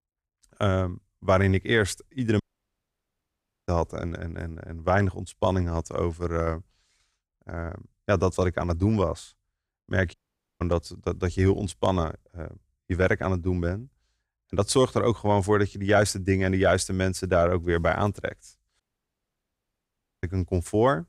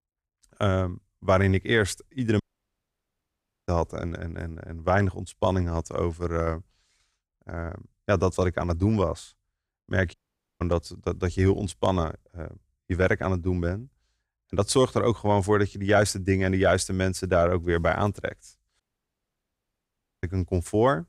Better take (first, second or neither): neither